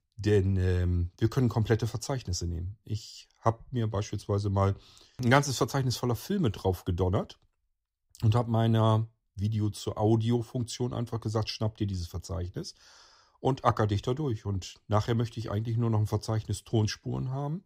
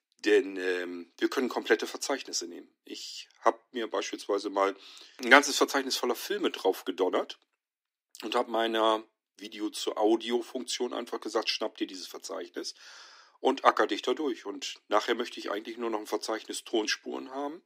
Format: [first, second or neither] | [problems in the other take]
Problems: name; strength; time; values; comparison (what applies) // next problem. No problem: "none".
first | thin; very; fading below 250 Hz